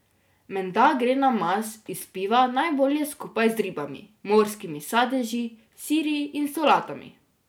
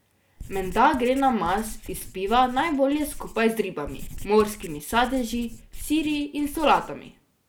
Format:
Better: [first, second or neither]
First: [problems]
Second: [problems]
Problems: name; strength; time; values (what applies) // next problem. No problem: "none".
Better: first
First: none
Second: background sound (Writing); 14 dB below the speech